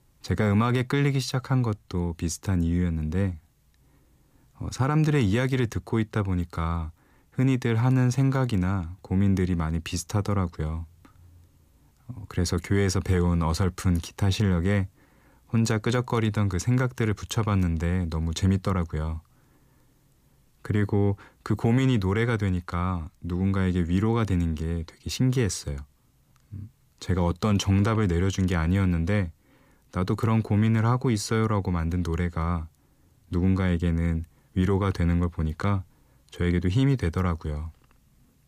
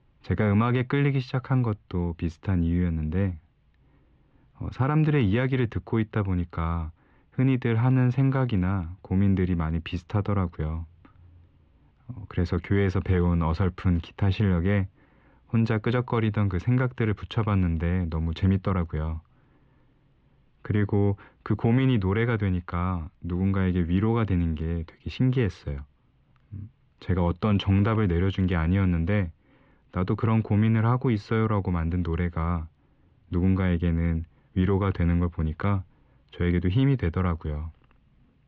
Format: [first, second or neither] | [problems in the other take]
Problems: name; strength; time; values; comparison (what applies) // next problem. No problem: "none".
first | muffled; very; fading above 3 kHz